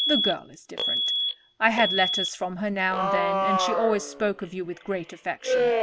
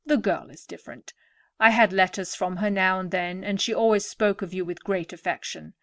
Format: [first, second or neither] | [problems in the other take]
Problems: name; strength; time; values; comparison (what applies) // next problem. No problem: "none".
second | background sound (Alarm); as loud as the speech